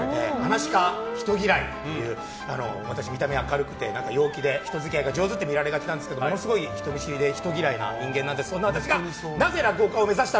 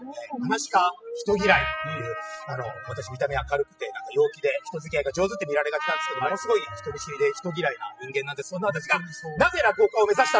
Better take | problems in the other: first | noise reduction (classical method spectral subtraction)

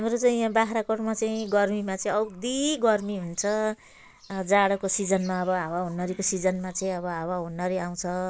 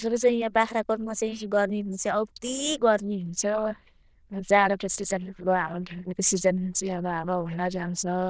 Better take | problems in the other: first | noise reduction (neural diffusion model UNIVERSE++)

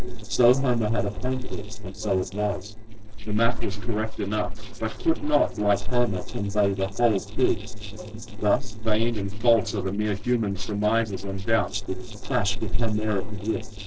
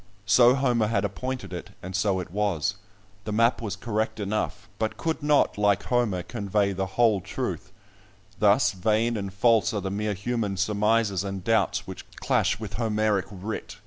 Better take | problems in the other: second | noise reduction (neural separator model SepFormer DNS4)

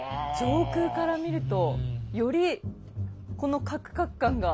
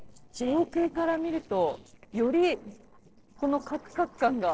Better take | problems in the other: first | noise reduction (neural separator model SepFormer DNS4)

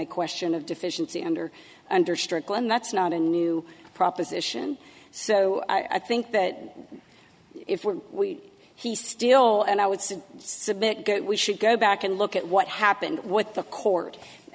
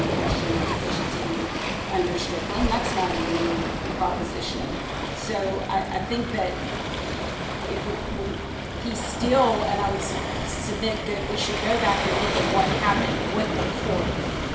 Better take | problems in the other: first | background sound (Waves, surf); 1 dB above the speech // room echo; dies away in 1 s

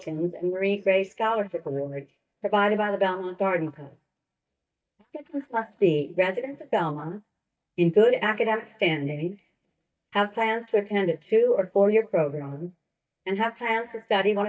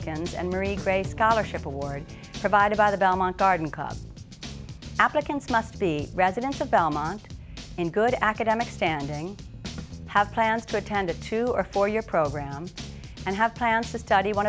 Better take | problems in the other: second | noise reduction (neural mask model DeepFilterNet 3)

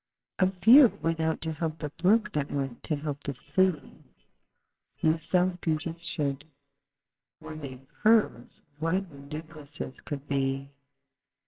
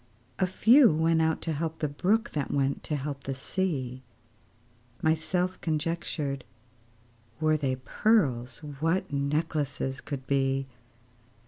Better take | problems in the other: second | noise reduction (neural separator model SepFormer WHAMR!)

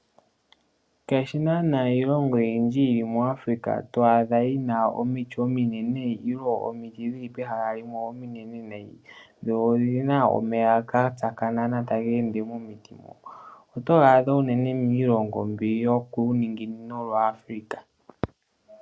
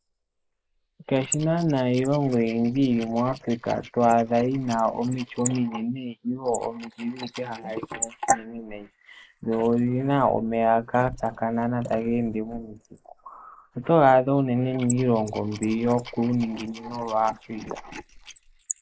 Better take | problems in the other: first | noise reduction (neural mask model Resemble Enhance denoiser)

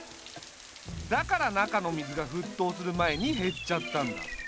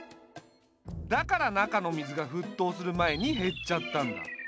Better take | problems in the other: second | background sound (Rain); 17 dB below the speech

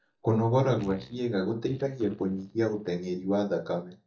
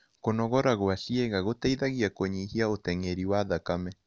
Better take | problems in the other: second | noise reduction (neural mask model DeepFilterNet 3)

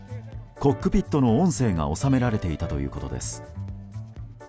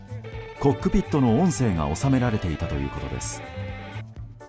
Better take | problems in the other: first | background sound (Electric guitar); 15 dB below the speech

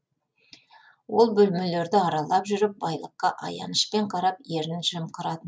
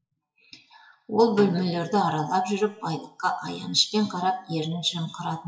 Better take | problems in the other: first | noise reduction (classical method WPE with log-MMSE)

